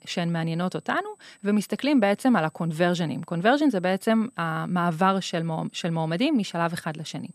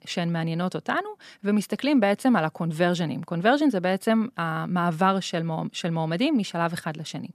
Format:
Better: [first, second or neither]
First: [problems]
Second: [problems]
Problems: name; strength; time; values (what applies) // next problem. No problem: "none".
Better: second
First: high-pitched whine; faint; throughout; 8 kHz, 35 dB below the speech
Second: none